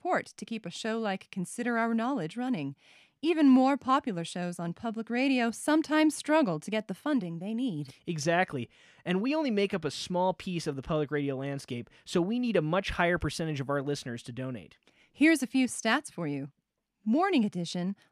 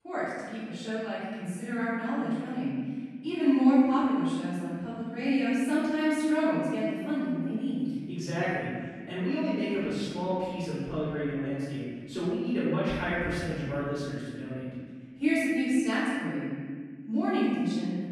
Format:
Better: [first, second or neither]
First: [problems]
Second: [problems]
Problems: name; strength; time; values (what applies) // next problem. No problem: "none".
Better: first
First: none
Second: off-mic speech; far // room echo; strong; dies away in 1.9 s